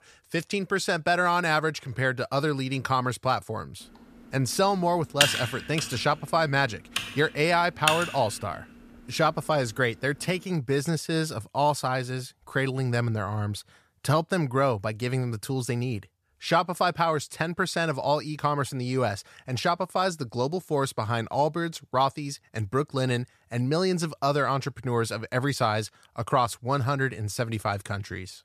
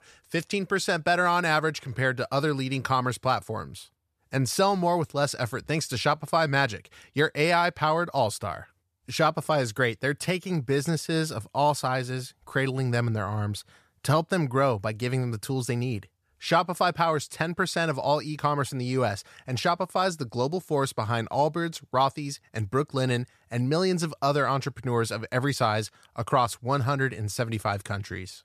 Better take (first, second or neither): second